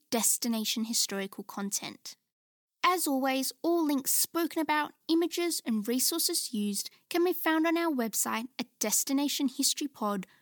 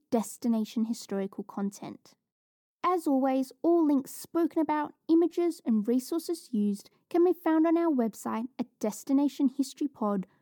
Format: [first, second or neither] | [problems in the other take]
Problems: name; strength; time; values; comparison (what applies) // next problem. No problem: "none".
first | muffled; very; fading above 1.5 kHz